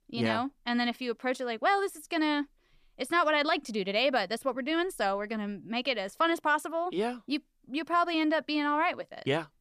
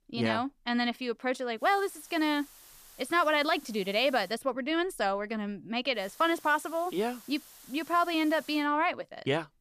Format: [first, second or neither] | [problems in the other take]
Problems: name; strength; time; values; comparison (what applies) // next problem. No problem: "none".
first | hiss; faint; from 1.5 to 4.5 s and from 6 to 8.5 s; 20 dB below the speech